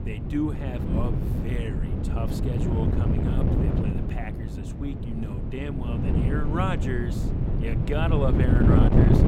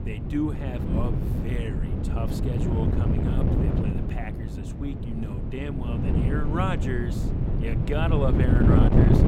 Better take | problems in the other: neither | wind noise on the microphone; heavy; as loud as the speech; the same in both

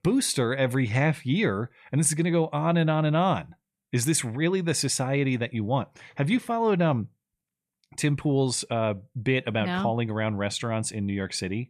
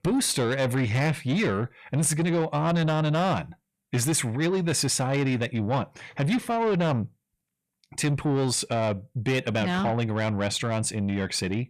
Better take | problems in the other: first | distortion; slight; 10 dB below the speech

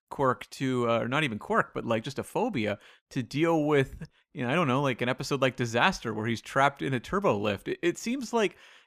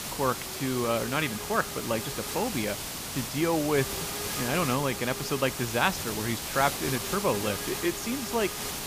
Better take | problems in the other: first | hiss; loud; throughout; 3 dB below the speech

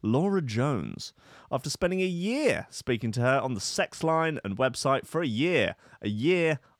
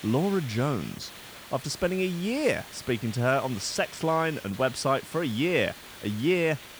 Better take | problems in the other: first | hiss; noticeable; throughout; 15 dB below the speech

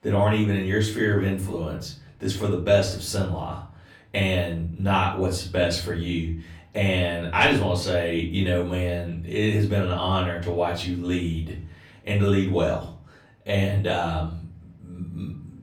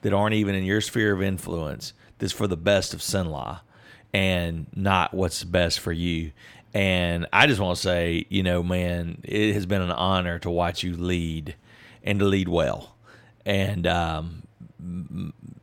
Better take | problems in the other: second | off-mic speech; far // room echo; slight; dies away in 0.4 s

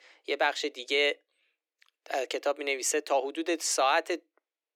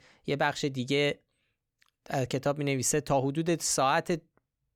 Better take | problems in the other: second | thin; very; fading below 300 Hz

